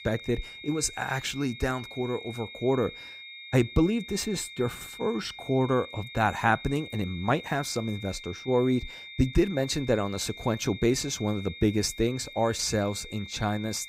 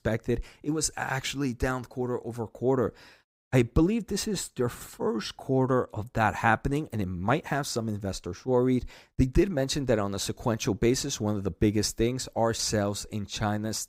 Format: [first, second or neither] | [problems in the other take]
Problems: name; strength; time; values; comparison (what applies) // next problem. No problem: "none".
second | high-pitched whine; noticeable; throughout; 2 kHz, 15 dB below the speech